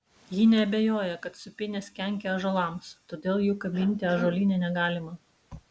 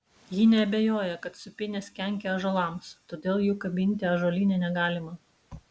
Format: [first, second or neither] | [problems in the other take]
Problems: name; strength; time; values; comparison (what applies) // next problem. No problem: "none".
second | background sound (Cough); 12 dB below the speech